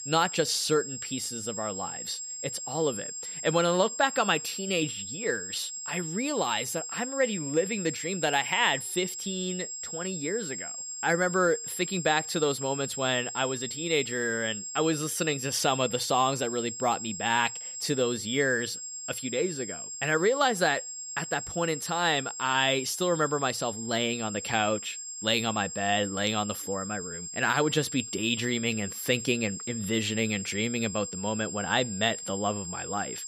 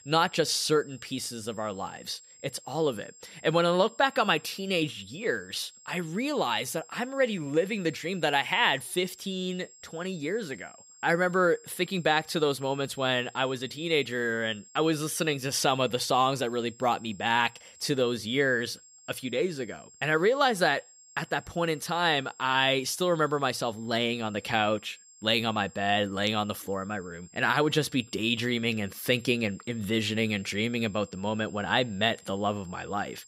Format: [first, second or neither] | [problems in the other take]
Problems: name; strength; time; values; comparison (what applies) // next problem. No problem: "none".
second | high-pitched whine; loud; throughout; 7.5 kHz, 7 dB below the speech; faint in the second